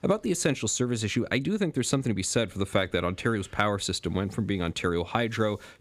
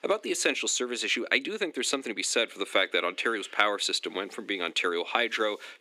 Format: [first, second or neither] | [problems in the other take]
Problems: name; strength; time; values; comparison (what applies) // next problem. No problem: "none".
first | thin; somewhat; fading below 300 Hz